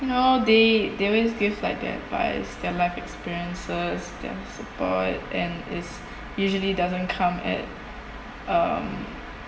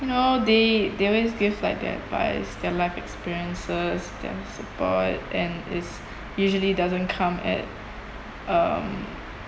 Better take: second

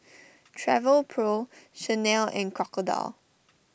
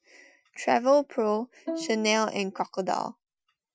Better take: first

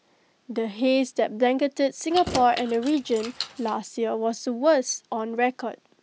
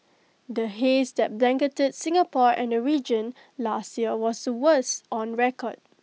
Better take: second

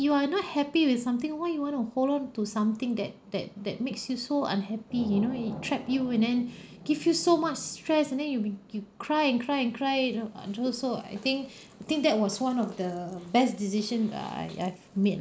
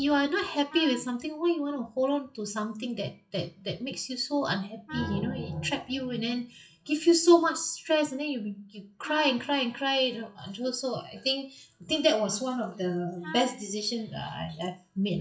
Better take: first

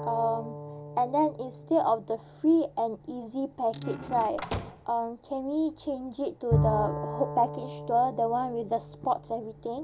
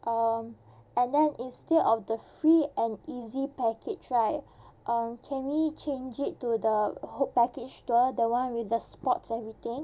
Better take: second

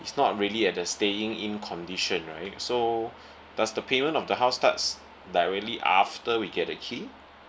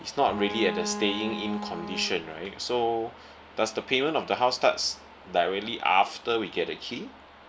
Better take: first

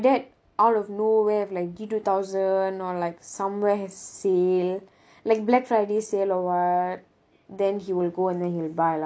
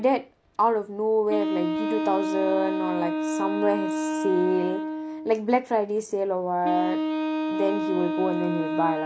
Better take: first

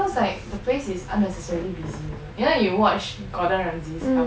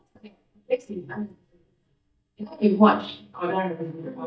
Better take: first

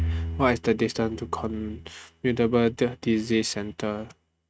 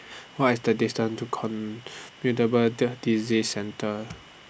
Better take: second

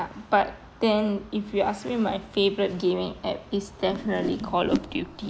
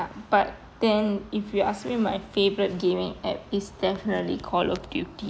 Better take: second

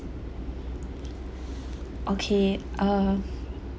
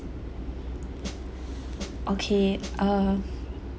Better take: first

